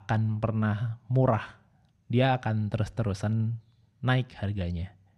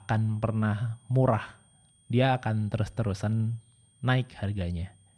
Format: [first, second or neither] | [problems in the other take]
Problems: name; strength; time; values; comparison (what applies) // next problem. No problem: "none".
first | high-pitched whine; faint; throughout; 8.5 kHz, 35 dB below the speech